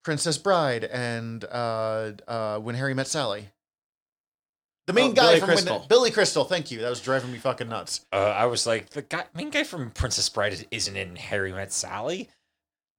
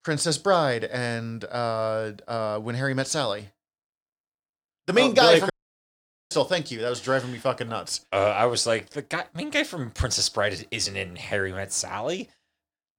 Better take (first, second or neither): first